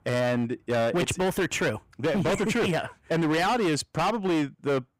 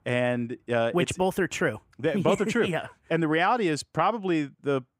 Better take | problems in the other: second | distortion; heavy; 24% of the sound clipped

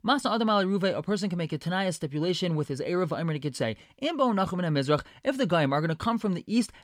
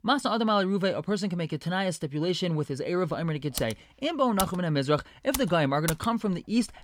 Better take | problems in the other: first | keyboard typing; noticeable; from 3.5 to 6 s; peak 6 dB below the speech

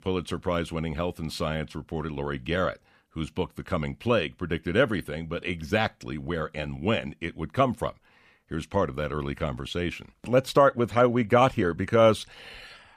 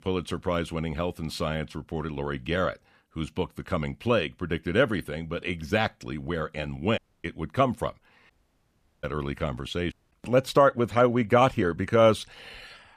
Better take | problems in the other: first | audio cutting out; at 7 s, at 8.5 s for 0.5 s and at 10 s

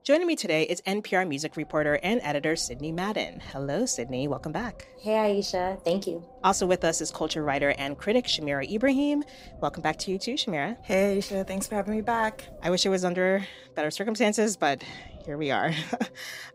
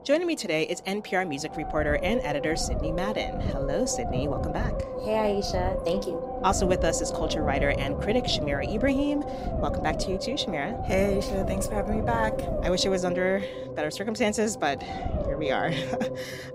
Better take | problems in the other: first | low rumble; loud; throughout; 4 dB below the speech; faint in the first

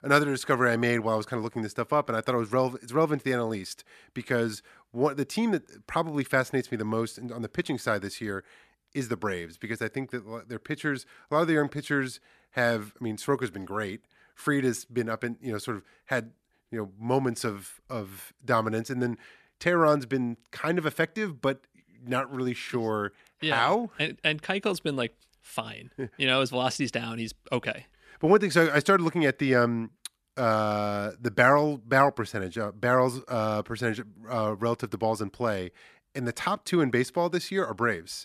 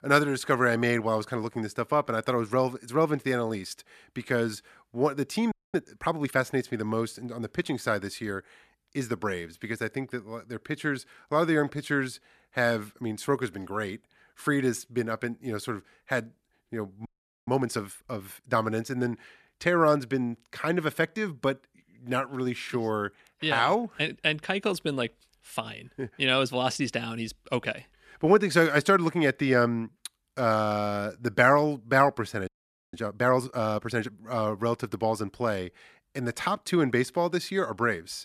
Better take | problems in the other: first | audio freezing; at 5.5 s, at 17 s and at 32 s

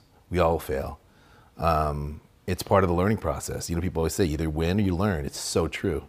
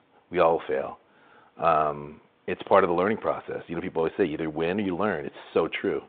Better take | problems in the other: first | phone-call audio; nothing above 3.5 kHz

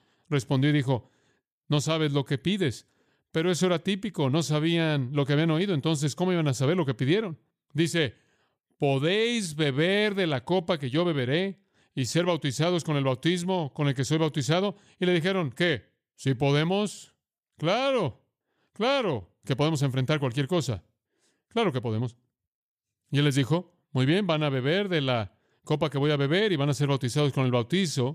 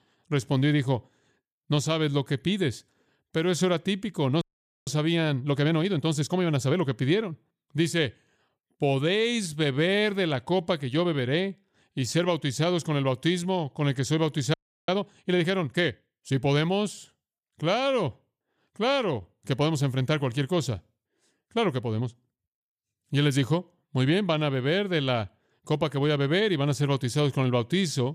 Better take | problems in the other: first | audio freezing; at 4.5 s and at 15 s

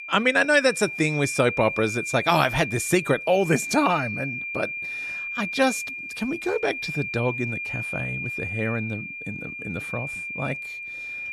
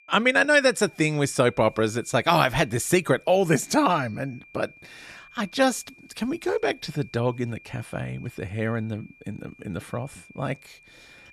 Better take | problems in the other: second | high-pitched whine; loud; throughout; 2.5 kHz, 6 dB below the speech; faint in the second

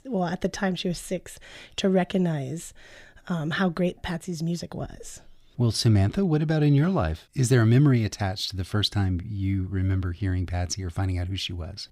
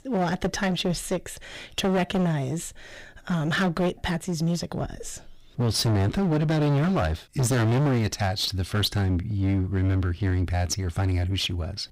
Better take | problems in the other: first | distortion; heavy; 20% of the sound clipped

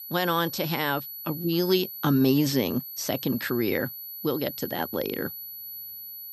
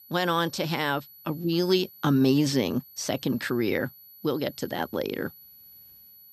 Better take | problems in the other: second | high-pitched whine; loud; throughout; 12 kHz, 9 dB below the speech; faint in the second

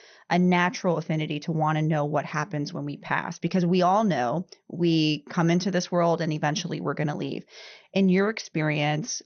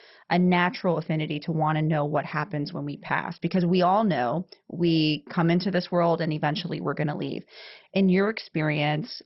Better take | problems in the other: first | garbled, watery; badly; nothing above 5.5 kHz; slightly in the first

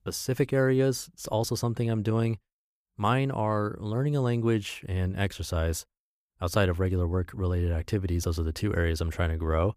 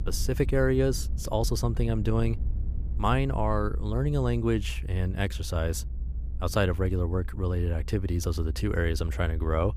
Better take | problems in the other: first | low rumble; faint; throughout; 20 dB below the speech

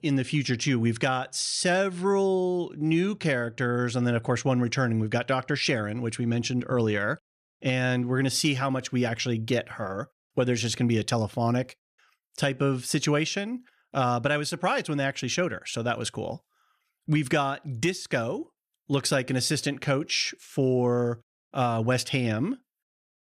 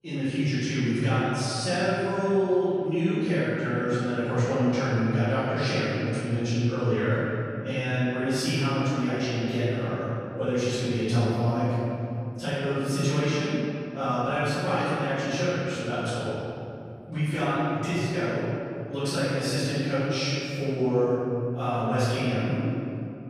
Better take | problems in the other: first | off-mic speech; far // room echo; strong; dies away in 2.8 s

